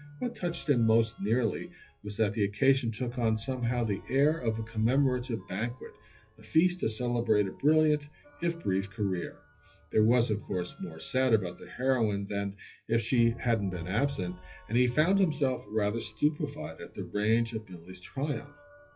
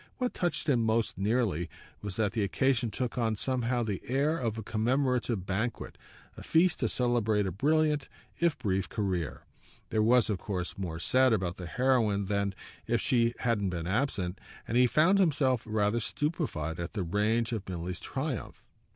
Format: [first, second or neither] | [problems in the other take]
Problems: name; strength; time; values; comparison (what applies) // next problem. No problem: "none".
second | noise reduction (classical method WPE with log-MMSE)